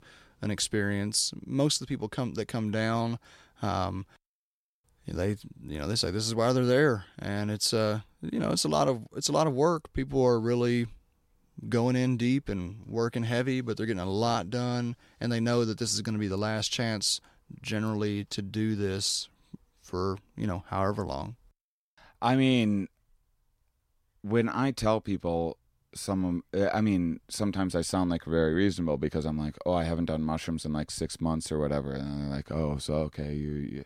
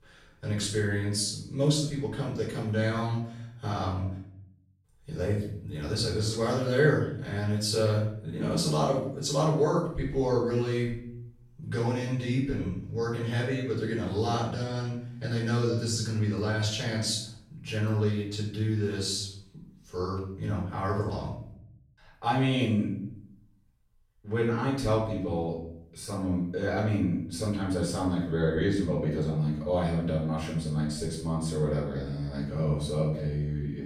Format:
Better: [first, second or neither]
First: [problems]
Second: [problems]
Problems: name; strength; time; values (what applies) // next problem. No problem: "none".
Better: first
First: none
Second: off-mic speech; far // room echo; noticeable; dies away in 0.6 s